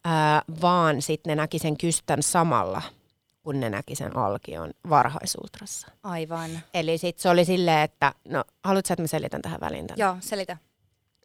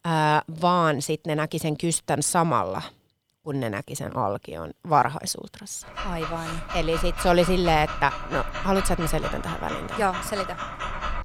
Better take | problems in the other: first | dog barking; noticeable; from 6 s on; peak 5 dB below the speech

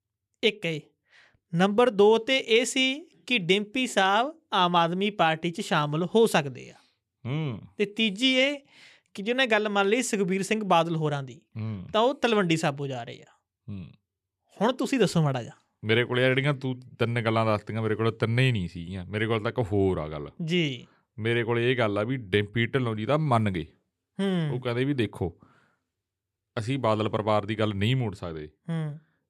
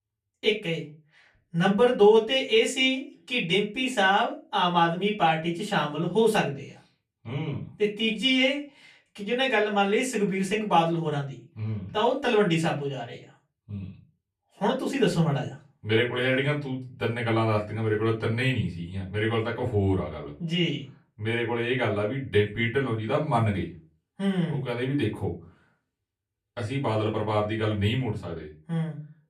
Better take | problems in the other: first | off-mic speech; far // room echo; very slight; dies away in 0.3 s

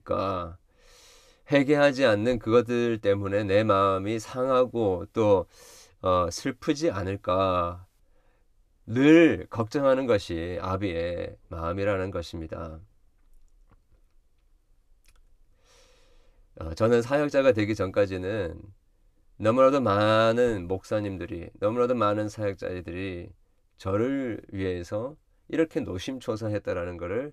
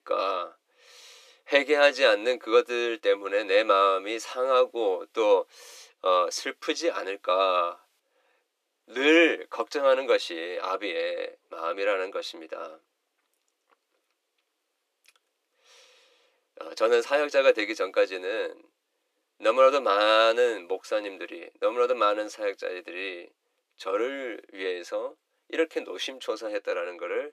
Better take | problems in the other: first | thin; very; fading below 350 Hz

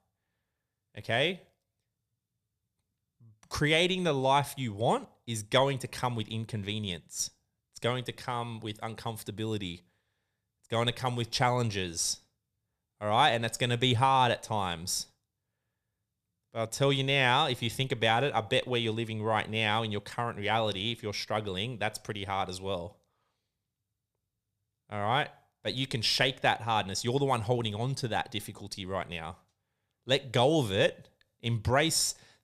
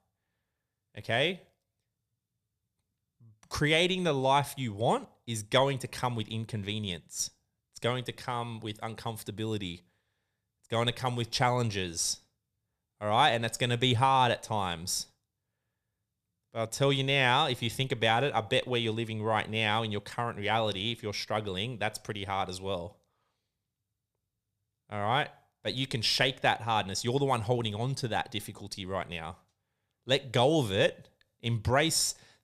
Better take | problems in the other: neither | none

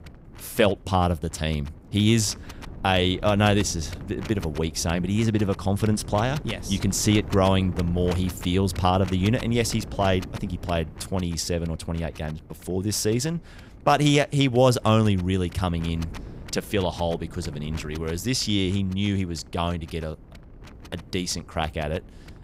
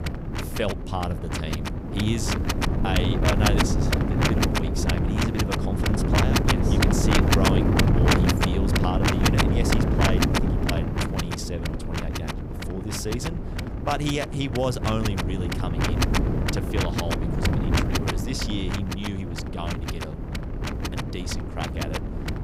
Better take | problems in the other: first | wind noise on the microphone; heavy; 4 dB above the speech; occasional gusts in the first

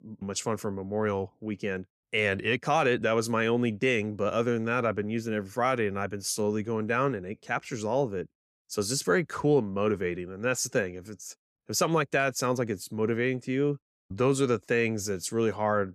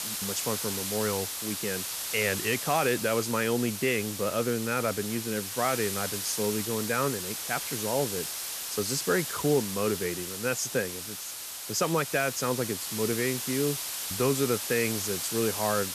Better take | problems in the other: first | hiss; loud; throughout; 3 dB below the speech

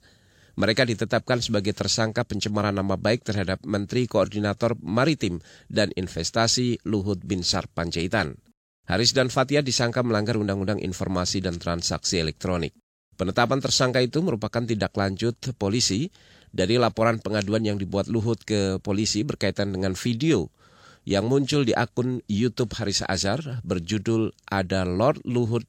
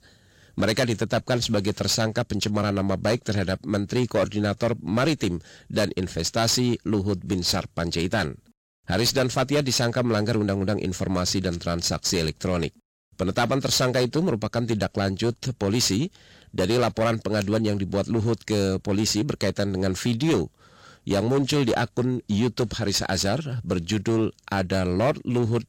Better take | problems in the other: first | distortion; slight; 9% of the sound clipped

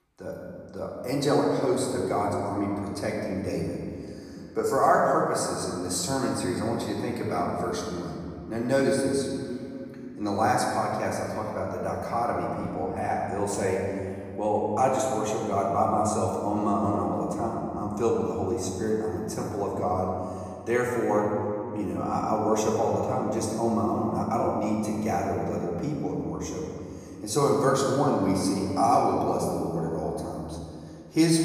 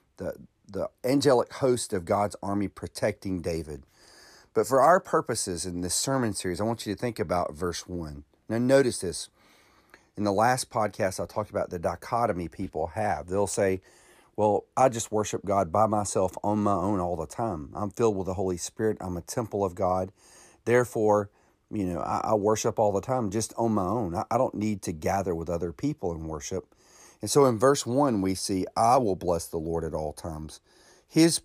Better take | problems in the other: second | room echo; noticeable; dies away in 2.3 s // off-mic speech; far

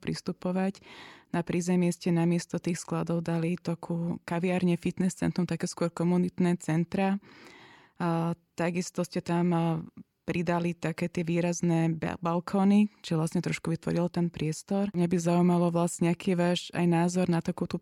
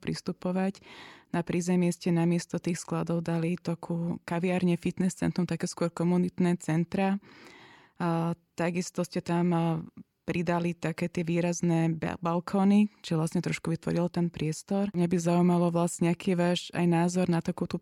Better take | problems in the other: neither | none

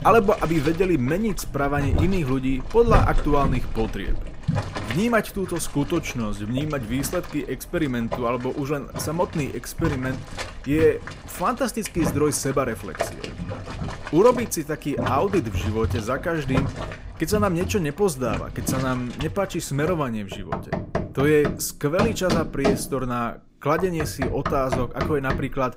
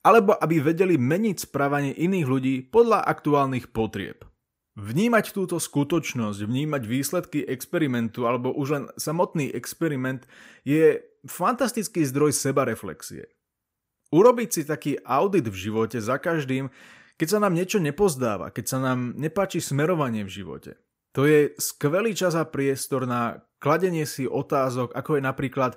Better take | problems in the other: second | household noises; loud; throughout; 6 dB below the speech

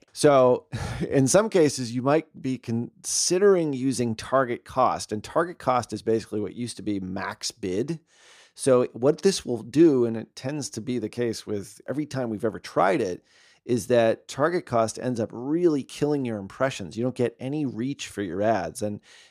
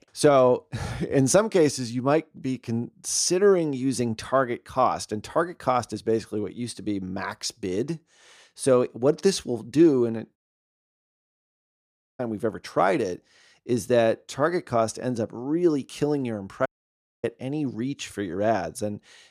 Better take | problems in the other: first | audio cutting out; at 10 s for 2 s and at 17 s for 0.5 s

